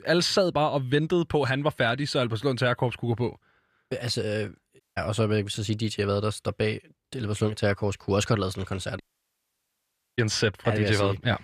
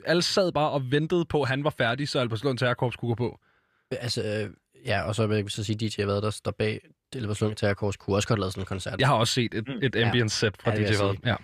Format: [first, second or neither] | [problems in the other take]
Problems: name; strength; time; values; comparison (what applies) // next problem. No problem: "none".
second | audio cutting out; at 5 s and at 9 s for 1 s